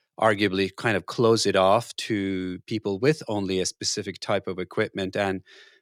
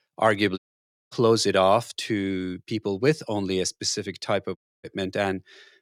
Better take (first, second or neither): first